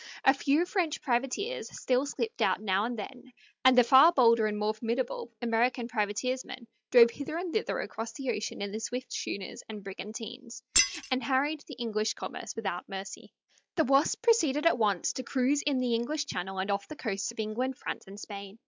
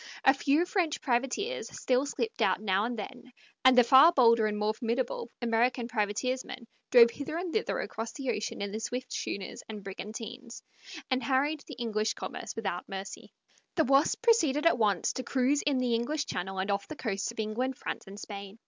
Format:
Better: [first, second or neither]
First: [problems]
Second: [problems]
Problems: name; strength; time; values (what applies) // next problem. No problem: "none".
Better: second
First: noise reduction (classical method log-MMSE)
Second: none